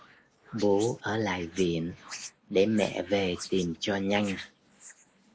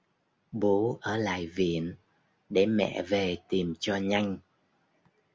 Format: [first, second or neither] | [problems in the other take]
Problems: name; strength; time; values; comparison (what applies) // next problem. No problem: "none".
second | noise reduction (neural mask model Resemble Enhance denoiser)